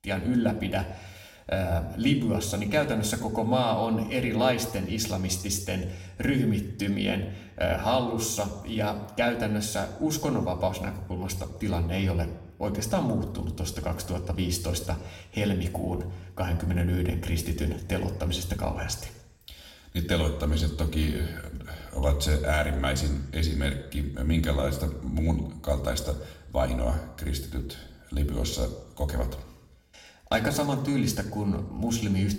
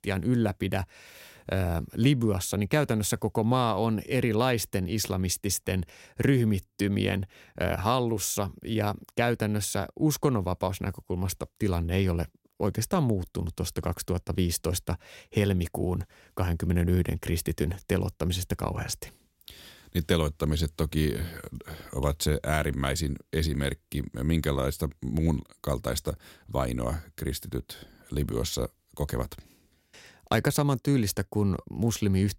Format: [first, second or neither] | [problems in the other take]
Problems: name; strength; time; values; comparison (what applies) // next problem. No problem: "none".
second | room echo; slight; dies away in 0.7 s // off-mic speech; somewhat distant